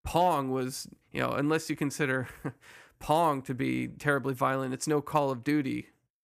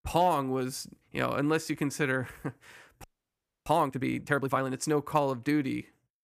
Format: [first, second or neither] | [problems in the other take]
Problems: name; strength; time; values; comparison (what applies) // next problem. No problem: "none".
first | audio freezing; at 3 s for 0.5 s